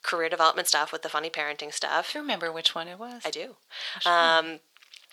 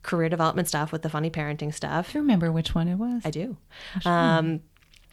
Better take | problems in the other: second | thin; very; fading below 500 Hz

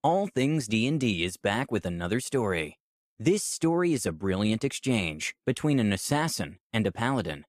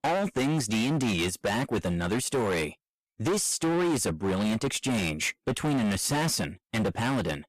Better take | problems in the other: first | distortion; heavy; 24% of the sound clipped

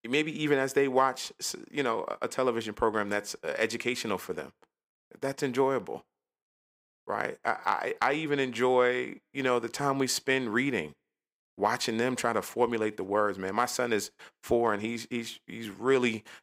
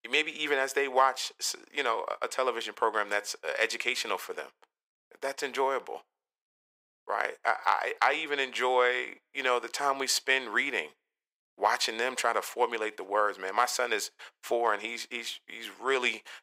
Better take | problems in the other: first | thin; very; fading below 650 Hz

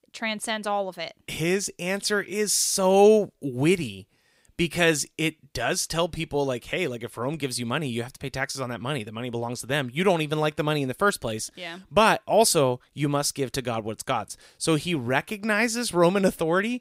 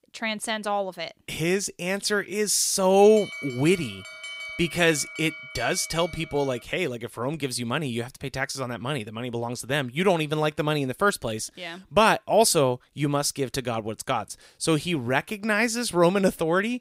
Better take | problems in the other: first | alarm; noticeable; from 3 to 6.5 s; peak 9 dB below the speech

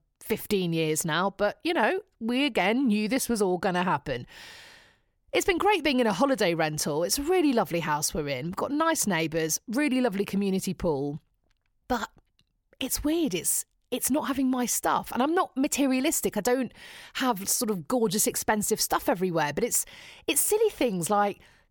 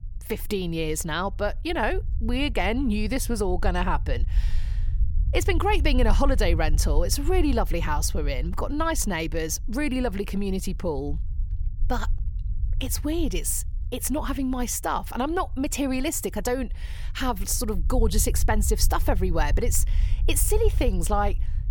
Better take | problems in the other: first | low rumble; faint; throughout; 20 dB below the speech

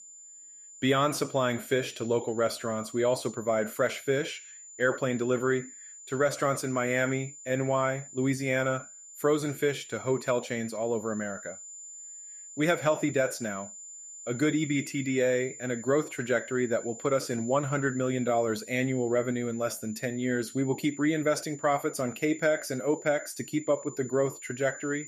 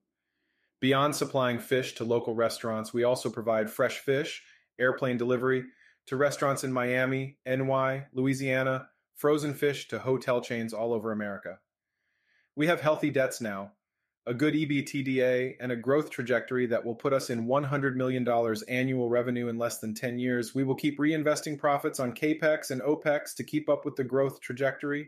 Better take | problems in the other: second | high-pitched whine; noticeable; throughout; 7 kHz, 15 dB below the speech

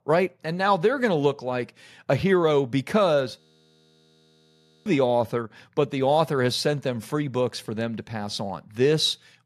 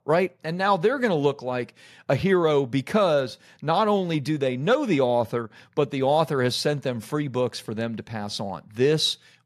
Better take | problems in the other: second | audio freezing; at 3.5 s for 1.5 s

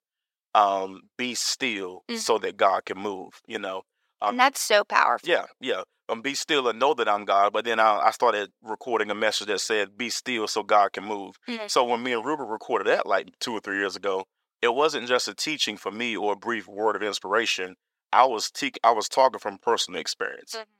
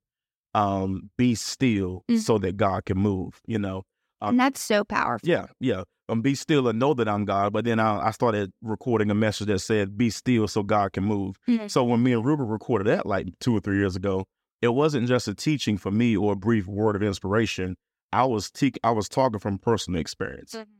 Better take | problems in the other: second | thin; very; fading below 700 Hz

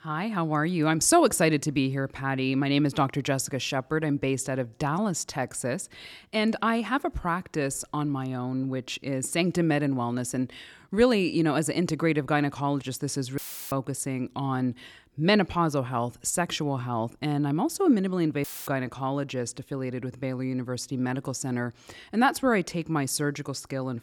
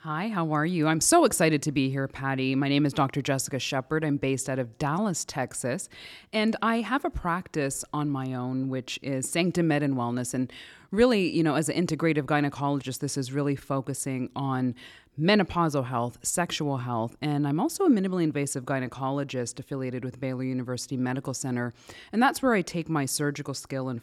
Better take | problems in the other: second | audio cutting out; filled with static; at 13 s and at 18 s

